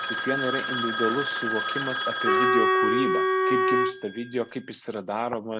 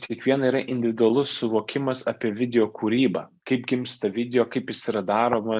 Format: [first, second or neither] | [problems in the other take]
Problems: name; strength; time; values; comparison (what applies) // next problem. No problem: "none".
second | background sound (Telephone + Wind instrument, woodwind instrument); 5 dB above the speech